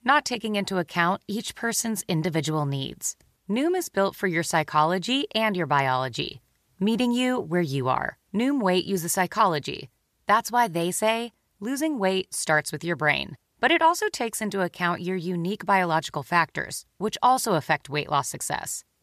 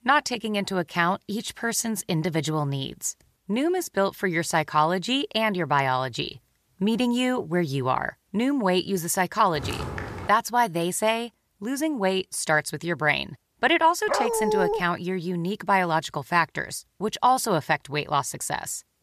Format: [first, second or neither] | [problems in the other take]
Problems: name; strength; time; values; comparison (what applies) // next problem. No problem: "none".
first | footsteps; noticeable; at 9.5 s; peak 7 dB below the speech // dog barking; loud; at 14 s; peak level with the speech